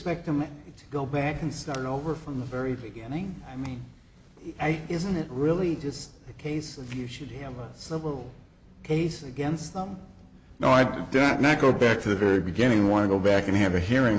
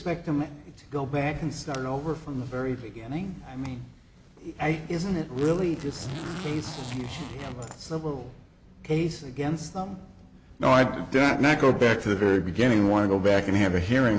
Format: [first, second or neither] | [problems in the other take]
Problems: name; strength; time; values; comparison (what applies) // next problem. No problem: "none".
first | background sound (Zipper (clothing)); 14 dB below the speech